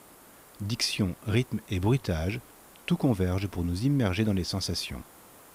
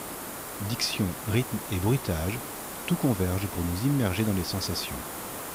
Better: first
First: hiss; faint; throughout; 25 dB below the speech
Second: hiss; loud; throughout; 7 dB below the speech

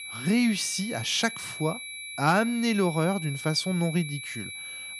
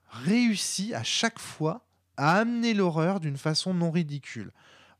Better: second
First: high-pitched whine; loud; throughout; 2.5 kHz, 9 dB below the speech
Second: none

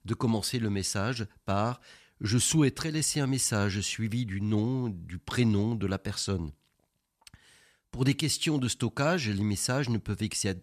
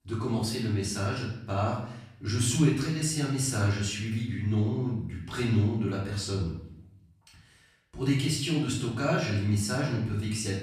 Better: first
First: none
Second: off-mic speech; far // room echo; noticeable; dies away in 0.7 s

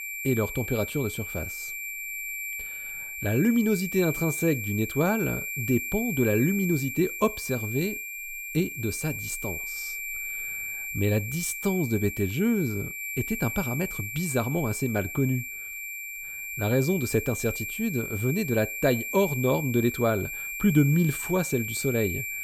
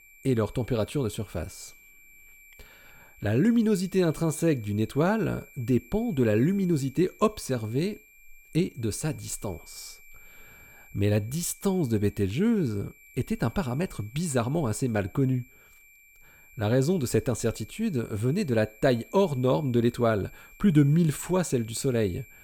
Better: second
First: high-pitched whine; loud; throughout; 2.5 kHz, 5 dB below the speech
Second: high-pitched whine; faint; throughout; 2.5 kHz, 25 dB below the speech

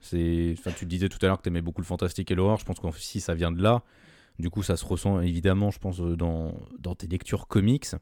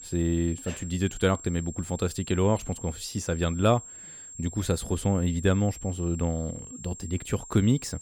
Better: first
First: none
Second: high-pitched whine; noticeable; throughout; 7.5 kHz, 15 dB below the speech

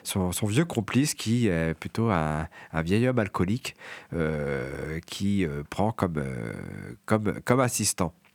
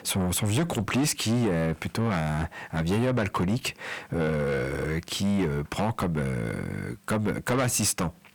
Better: first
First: none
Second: distortion; heavy; 5 dB below the speech

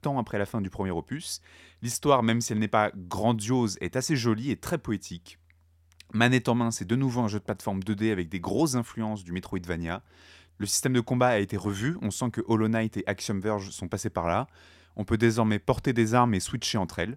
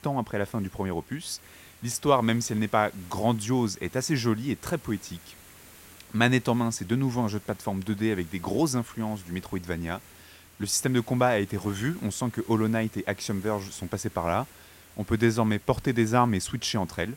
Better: first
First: none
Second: hiss; faint; throughout; 20 dB below the speech

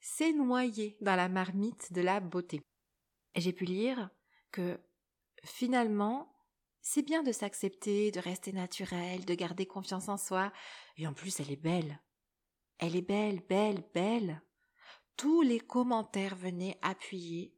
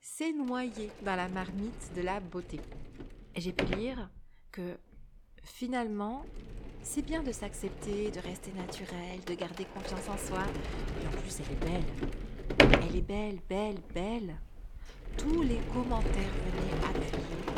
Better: first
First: none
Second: household noises; very loud; throughout; 3 dB above the speech

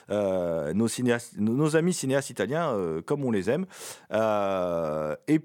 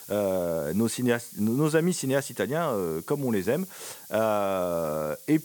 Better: first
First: none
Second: hiss; noticeable; throughout; 15 dB below the speech

